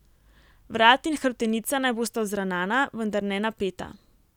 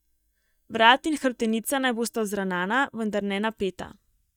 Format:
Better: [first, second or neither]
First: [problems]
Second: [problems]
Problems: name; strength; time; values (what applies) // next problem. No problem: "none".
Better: first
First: none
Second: noise reduction (neural mask model DeepFilterNet 3)